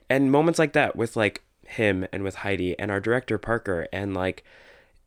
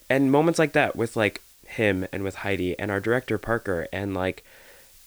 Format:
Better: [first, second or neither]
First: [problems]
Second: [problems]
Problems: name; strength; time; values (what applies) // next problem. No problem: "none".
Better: first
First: none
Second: hiss; faint; throughout; 25 dB below the speech